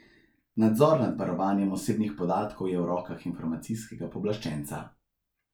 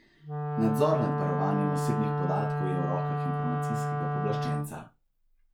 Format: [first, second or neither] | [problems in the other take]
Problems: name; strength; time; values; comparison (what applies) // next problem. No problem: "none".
first | background sound (Wind instrument, woodwind instrument); 2 dB above the speech